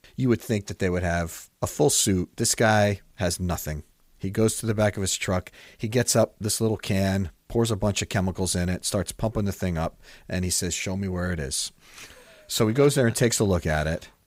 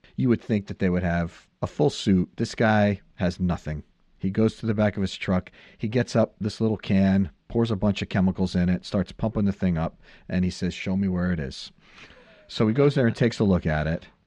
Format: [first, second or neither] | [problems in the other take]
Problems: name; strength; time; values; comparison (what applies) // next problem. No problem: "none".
first | muffled; slightly; fading above 4 kHz